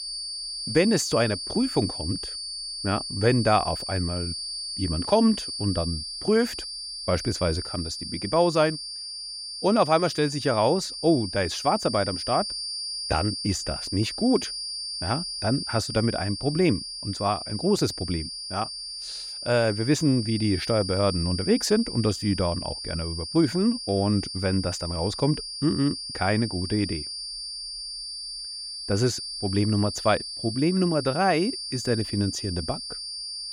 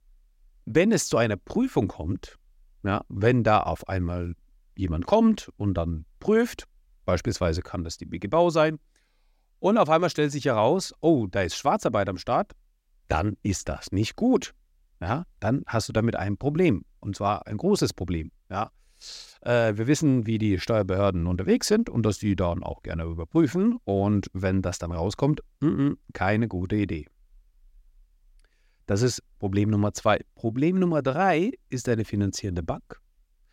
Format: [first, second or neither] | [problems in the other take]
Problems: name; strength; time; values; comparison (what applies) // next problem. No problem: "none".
second | high-pitched whine; loud; throughout; 4.5 kHz, 6 dB below the speech